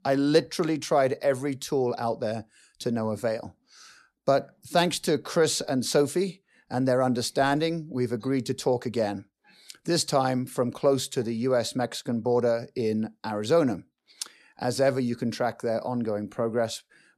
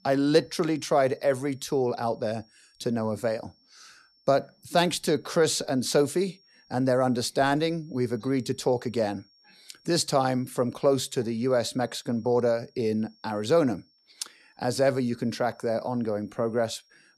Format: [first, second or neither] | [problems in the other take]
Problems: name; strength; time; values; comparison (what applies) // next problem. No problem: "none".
first | high-pitched whine; faint; throughout; 5.5 kHz, 35 dB below the speech